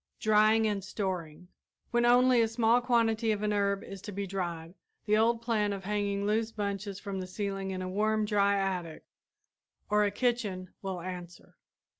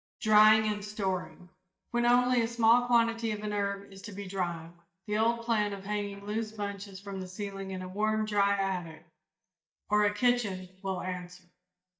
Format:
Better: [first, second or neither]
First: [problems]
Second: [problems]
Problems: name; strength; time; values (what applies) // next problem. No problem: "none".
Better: first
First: none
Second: noise reduction (neural mask model DeepFilterNet 3)